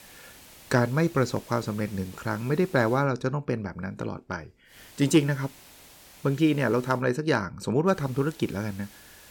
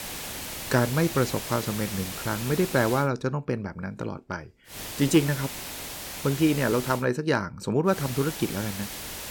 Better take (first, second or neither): first